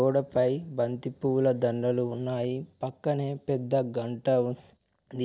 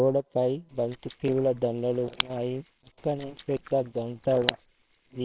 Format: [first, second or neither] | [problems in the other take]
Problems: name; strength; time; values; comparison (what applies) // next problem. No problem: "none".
first | noise reduction (neural separator model SepFormer WHAMR!)